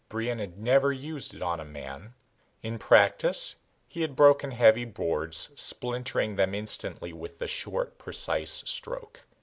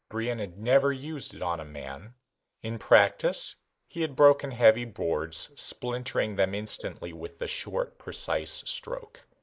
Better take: first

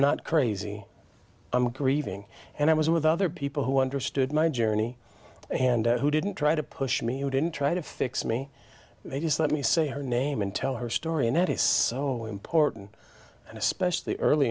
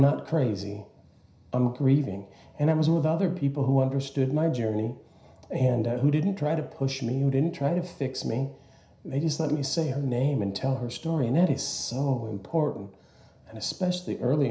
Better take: first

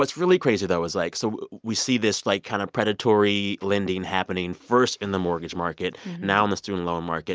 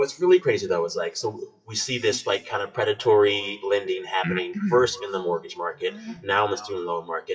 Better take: first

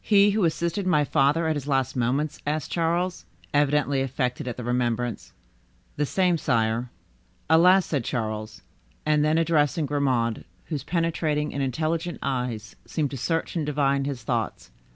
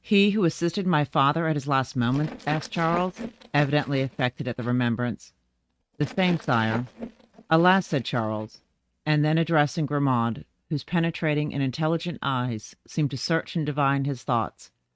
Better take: first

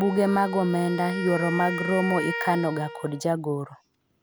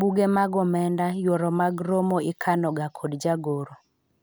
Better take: second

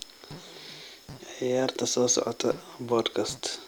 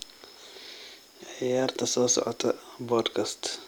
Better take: second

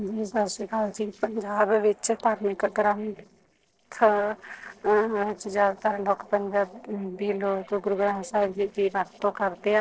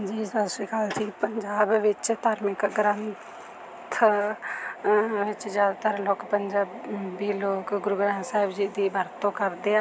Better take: second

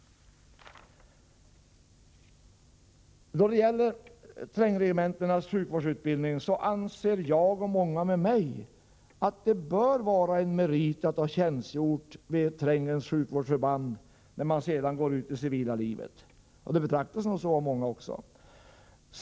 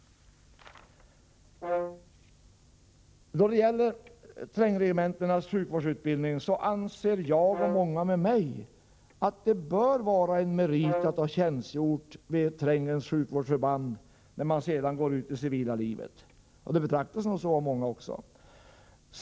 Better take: first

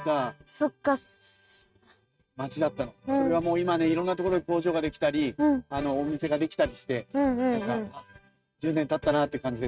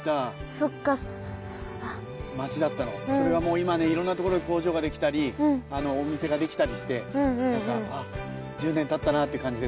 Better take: second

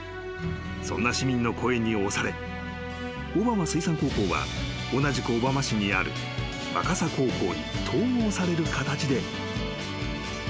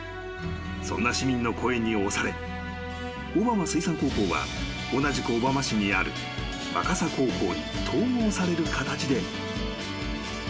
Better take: first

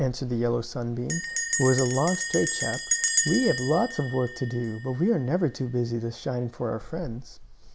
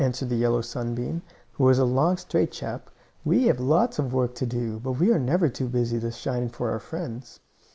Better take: second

